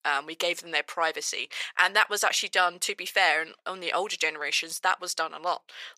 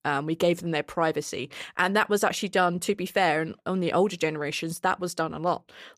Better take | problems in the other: second | thin; very; fading below 750 Hz

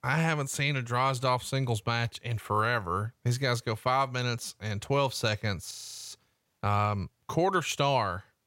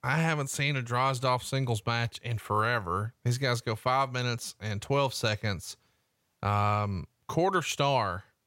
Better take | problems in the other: second | audio freezing; at 5.5 s

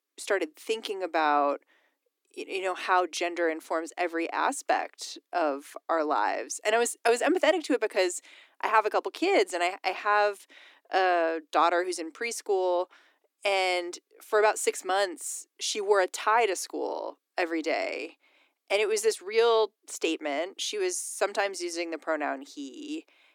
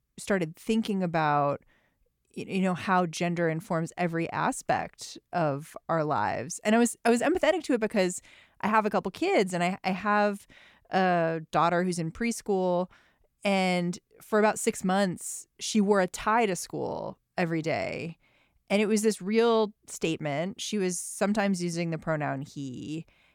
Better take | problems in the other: second | thin; somewhat; fading below 300 Hz

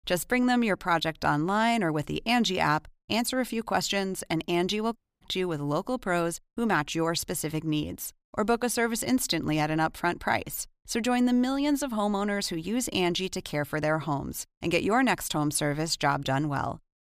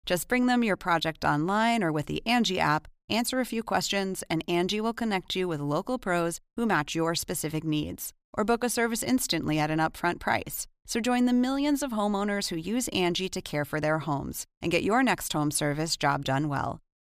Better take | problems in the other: second | audio cutting out; at 5 s

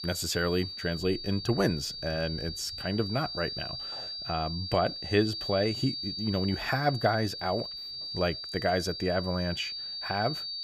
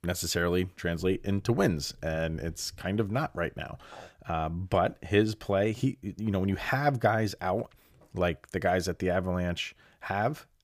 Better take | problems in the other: second | high-pitched whine; loud; throughout; 4.5 kHz, 5 dB below the speech

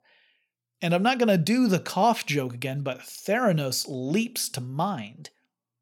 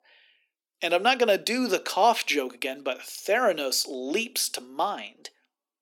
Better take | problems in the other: first | thin; somewhat; fading below 300 Hz

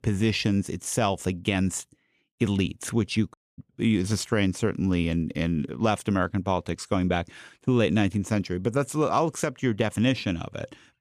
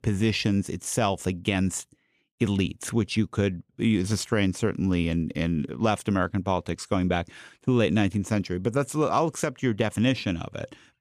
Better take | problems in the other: second | audio cutting out; at 3.5 s

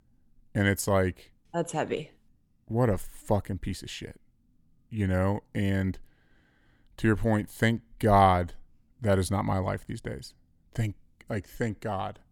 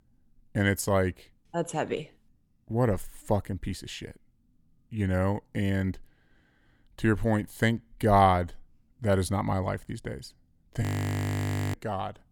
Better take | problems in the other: first | audio freezing; at 11 s for 1 s

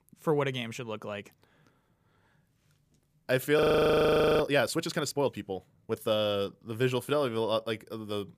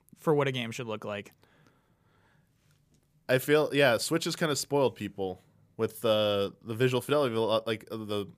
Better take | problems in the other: second | audio freezing; at 3.5 s for 1 s

